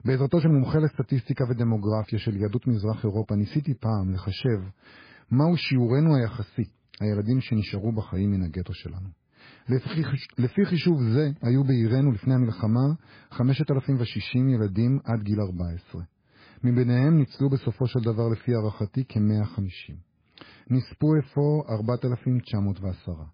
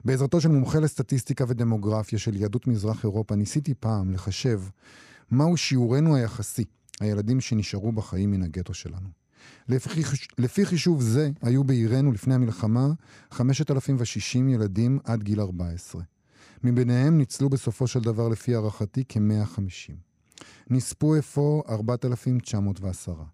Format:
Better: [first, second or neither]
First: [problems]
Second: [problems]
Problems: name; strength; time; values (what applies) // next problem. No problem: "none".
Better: second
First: garbled, watery; badly; nothing above 11.5 kHz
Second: none